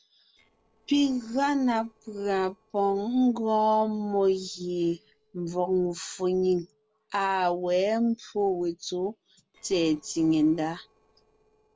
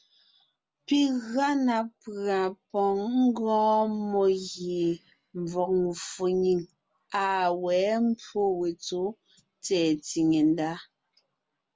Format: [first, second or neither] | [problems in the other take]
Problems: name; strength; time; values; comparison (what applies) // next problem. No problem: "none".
second | noise reduction (neural separator model SepFormer DNS4)